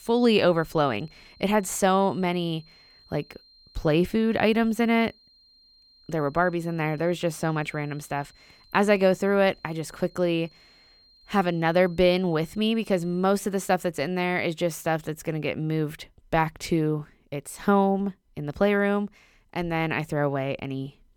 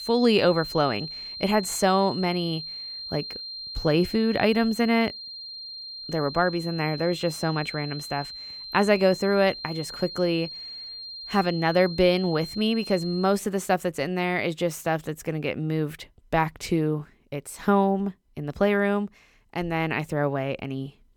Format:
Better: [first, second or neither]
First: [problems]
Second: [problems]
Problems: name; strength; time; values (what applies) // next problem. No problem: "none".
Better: first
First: high-pitched whine; faint; until 13 s; 4 kHz, 30 dB below the speech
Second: high-pitched whine; loud; until 13 s; 4 kHz, 10 dB below the speech